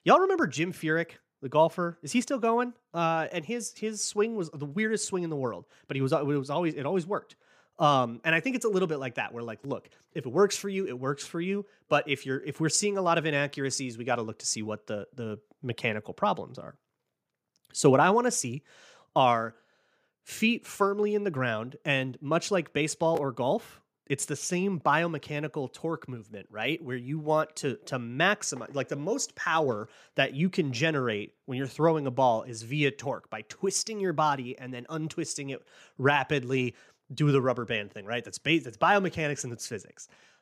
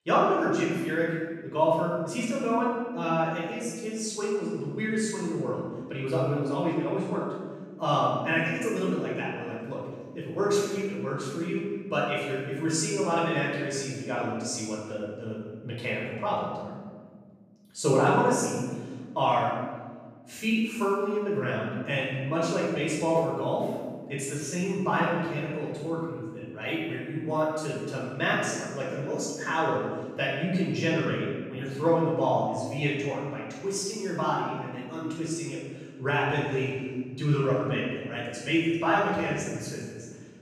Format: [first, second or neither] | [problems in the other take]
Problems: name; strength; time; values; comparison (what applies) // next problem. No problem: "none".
first | room echo; strong; dies away in 1.4 s // off-mic speech; far